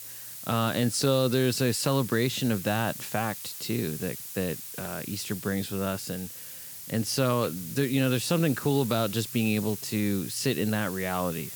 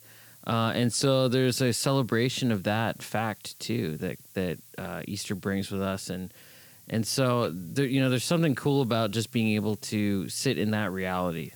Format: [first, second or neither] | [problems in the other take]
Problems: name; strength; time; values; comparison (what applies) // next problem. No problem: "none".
second | hiss; loud; throughout; 9 dB below the speech; faint in the second